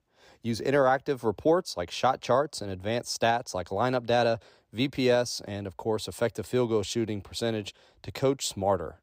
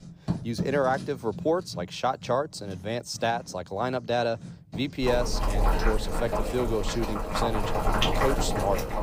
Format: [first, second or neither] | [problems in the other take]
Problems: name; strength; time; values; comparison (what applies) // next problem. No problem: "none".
first | household noises; loud; throughout; 1 dB below the speech